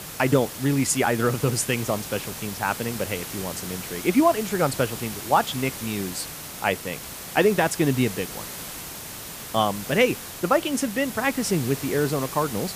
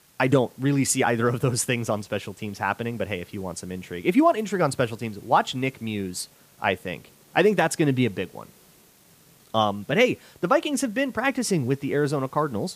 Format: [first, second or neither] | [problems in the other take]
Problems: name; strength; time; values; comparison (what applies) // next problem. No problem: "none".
second | hiss; loud; throughout; 9 dB below the speech; faint in the second